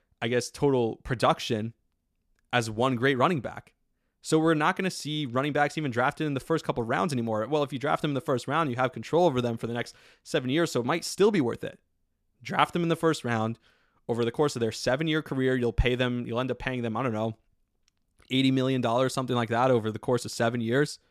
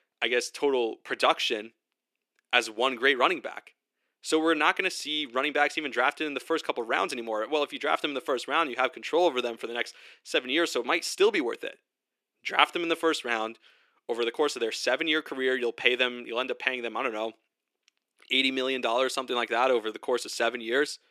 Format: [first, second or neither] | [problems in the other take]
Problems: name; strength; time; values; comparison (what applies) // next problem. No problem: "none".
first | thin; somewhat; fading below 350 Hz